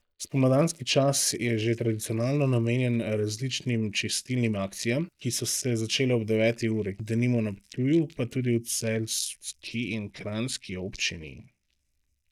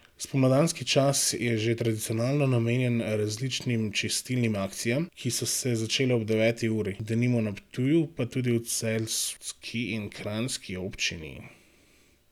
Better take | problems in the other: second | noise reduction (neural mask model DeepFilterNet 3)

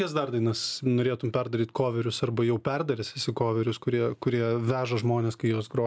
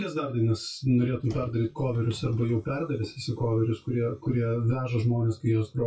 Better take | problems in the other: first | noise reduction (classical method WPE with log-MMSE)

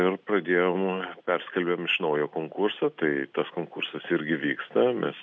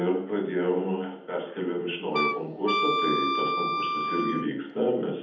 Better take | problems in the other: first | background sound (Wind instrument, woodwind instrument); as loud as the speech // room echo; dies away in 1 s

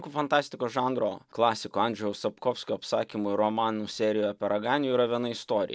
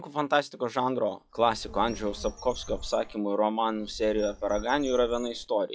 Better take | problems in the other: first | noise reduction (classical method log-MMSE)

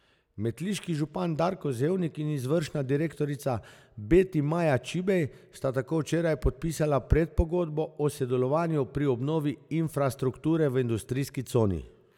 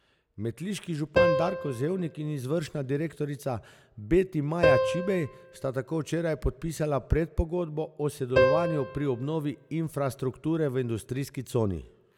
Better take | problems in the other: first | background sound (Piano); 2 dB below the speech

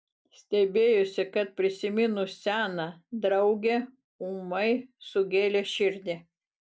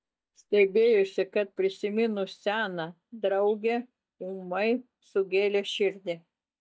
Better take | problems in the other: first | noise reduction (neural mask model DeepFilterNet 3)

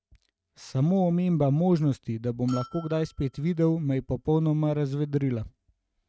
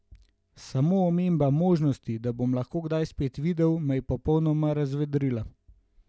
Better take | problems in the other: second | noise reduction (neural mask model RNNoise)

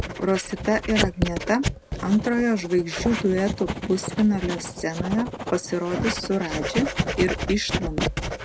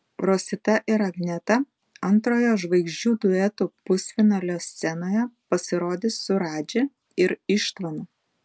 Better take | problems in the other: second | background sound (Writing); 4 dB below the speech

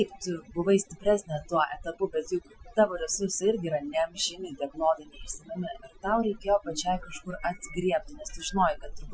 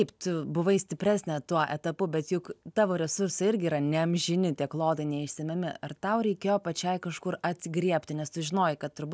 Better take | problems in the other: second | noise reduction (classical method Wiener filter)

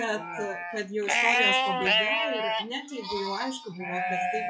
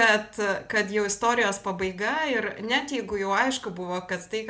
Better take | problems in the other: second | noise reduction (classical method WPE with log-MMSE)

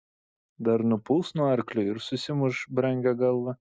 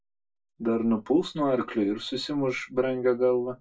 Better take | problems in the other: first | room echo; dies away in 0.1 s

